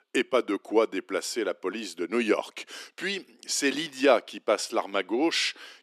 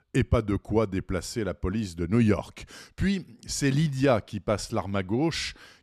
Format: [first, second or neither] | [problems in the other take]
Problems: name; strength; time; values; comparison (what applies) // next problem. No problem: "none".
second | thin; somewhat; fading below 300 Hz